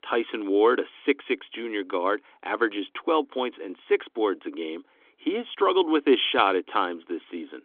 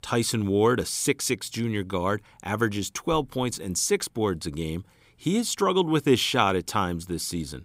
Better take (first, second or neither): second